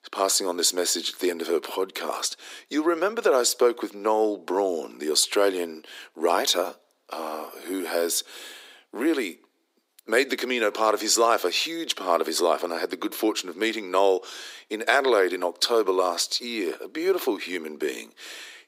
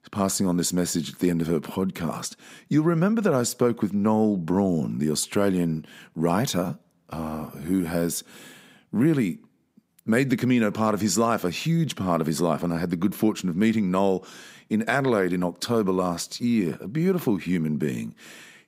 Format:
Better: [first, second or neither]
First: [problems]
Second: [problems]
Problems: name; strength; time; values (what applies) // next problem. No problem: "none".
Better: second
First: thin; very; fading below 350 Hz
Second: none